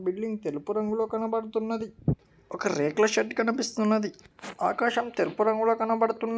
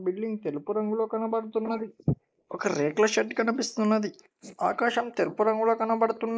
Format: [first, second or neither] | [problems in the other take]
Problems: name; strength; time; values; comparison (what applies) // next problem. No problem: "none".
first | noise reduction (neural mask model Resemble Enhance denoiser)